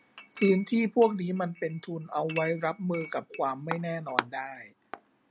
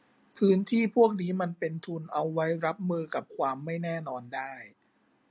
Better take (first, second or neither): second